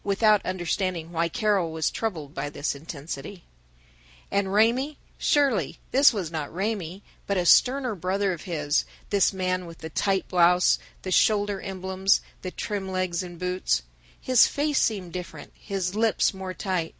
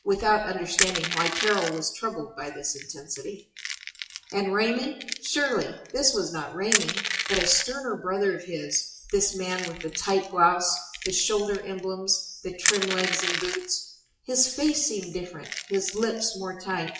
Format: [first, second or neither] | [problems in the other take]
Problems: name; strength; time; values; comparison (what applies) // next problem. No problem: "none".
first | noise reduction (classical method WPE with log-MMSE)